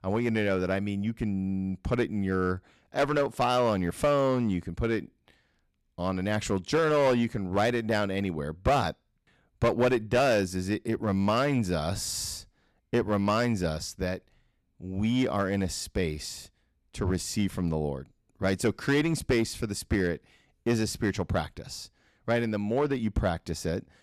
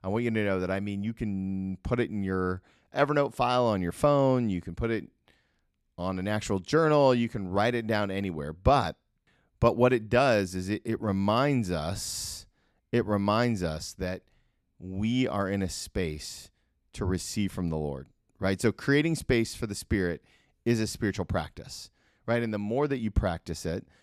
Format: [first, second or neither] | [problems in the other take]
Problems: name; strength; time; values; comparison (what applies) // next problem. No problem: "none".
second | distortion; slight; 5% of the sound clipped